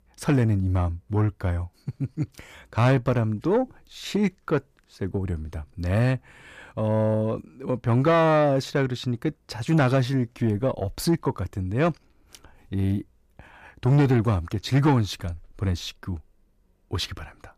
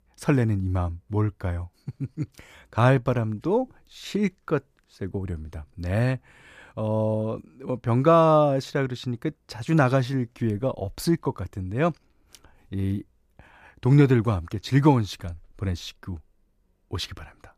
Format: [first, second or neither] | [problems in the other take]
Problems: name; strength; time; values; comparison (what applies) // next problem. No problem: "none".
second | distortion; slight; 10 dB below the speech